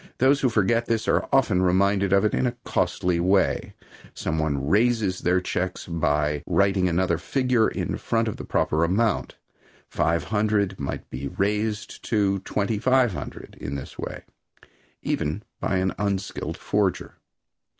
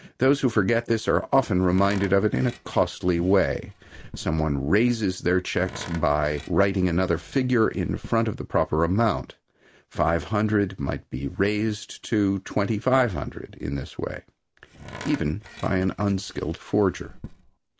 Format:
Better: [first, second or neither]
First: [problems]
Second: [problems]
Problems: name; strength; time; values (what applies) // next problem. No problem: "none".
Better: first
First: none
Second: background sound (Tools); 19 dB below the speech